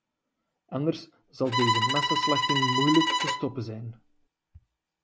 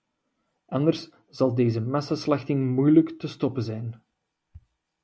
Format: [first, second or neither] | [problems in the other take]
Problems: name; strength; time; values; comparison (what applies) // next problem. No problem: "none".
second | background sound (Bowed string instrument); 3 dB above the speech